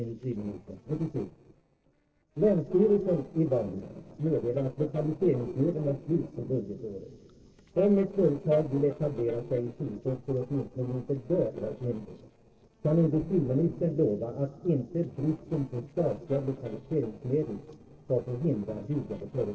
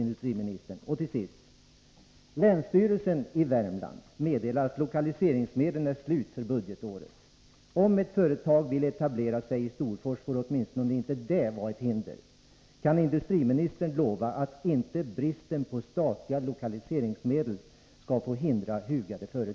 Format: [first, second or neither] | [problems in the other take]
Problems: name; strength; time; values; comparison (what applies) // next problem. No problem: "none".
second | noise reduction (neural separator model SepFormer DNS4)